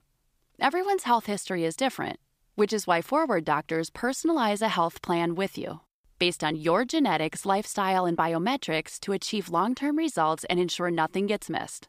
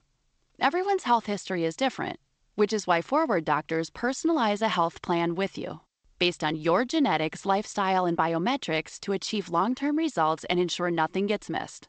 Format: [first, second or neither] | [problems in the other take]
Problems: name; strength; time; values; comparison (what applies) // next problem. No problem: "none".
first | garbled, watery; slightly; nothing above 8 kHz